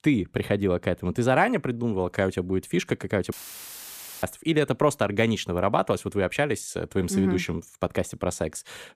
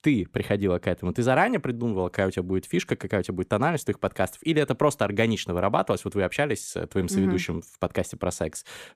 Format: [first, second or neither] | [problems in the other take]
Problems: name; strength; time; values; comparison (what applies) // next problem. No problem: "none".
second | audio cutting out; filled with static; at 3.5 s for 1 s